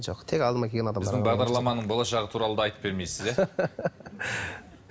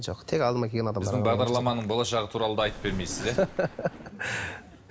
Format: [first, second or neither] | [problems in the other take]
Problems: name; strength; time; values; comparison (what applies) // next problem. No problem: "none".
first | background sound (Thunder); 12 dB below the speech